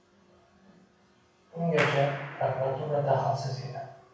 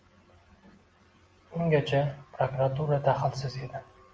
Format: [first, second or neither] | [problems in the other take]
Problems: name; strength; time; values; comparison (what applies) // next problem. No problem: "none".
second | background sound (Clapping); 10 dB below the speech // room echo; dies away in 0.7 s